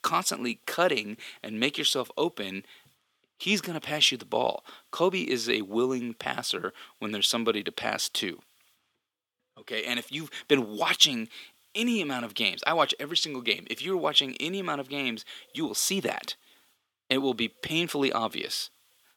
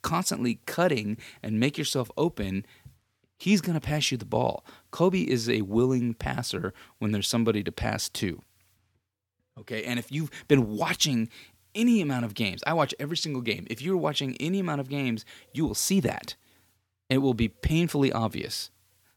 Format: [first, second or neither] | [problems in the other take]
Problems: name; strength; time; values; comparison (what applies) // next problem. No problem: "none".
second | thin; somewhat; fading below 300 Hz